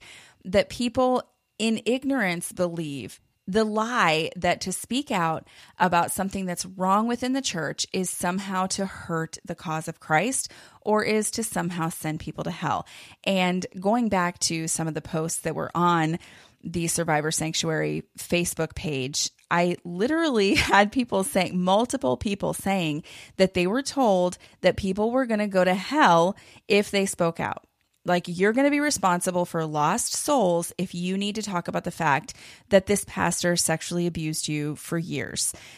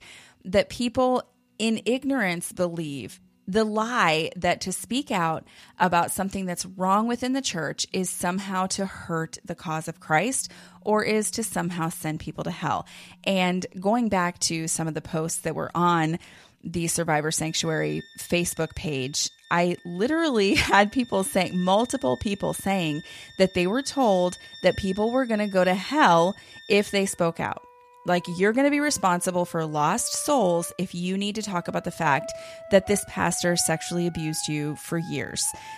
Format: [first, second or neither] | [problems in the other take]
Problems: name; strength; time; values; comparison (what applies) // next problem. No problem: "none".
first | background music; faint; throughout; 20 dB below the speech